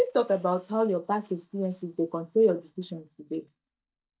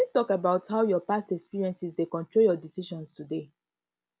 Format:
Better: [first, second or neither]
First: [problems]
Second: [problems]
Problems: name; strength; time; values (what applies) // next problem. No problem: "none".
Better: second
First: noise reduction (neural mask model DeepFilterNet 3)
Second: none